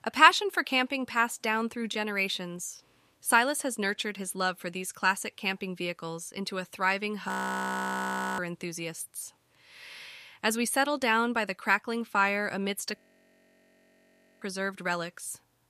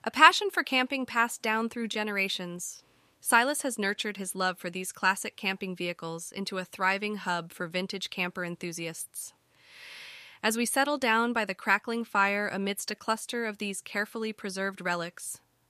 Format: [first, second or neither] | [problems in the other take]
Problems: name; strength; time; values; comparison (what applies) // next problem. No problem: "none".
second | audio freezing; at 7.5 s for 1 s and at 13 s for 1.5 s